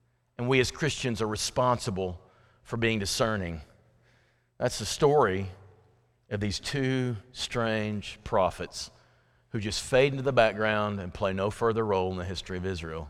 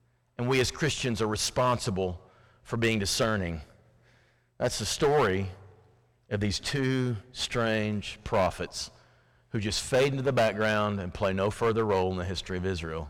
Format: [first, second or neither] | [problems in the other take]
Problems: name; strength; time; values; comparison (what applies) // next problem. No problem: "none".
first | distortion; slight; 5% of the sound clipped